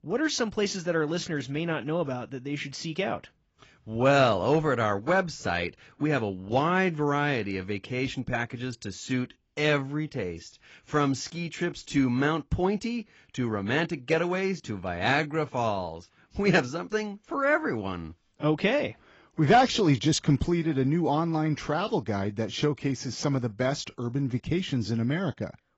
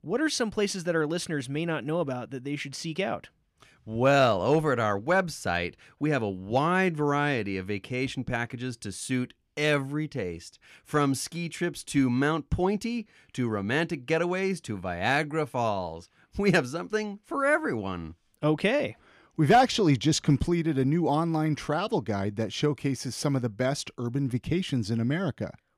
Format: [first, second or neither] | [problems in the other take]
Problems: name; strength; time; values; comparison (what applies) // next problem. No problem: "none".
second | garbled, watery; badly; nothing above 7.5 kHz